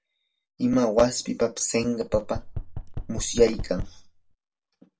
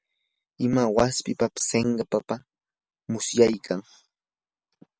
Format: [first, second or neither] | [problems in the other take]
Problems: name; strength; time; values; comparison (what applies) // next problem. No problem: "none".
second | background sound (Knock); 7 dB below the speech // room echo; dies away in 0.2 s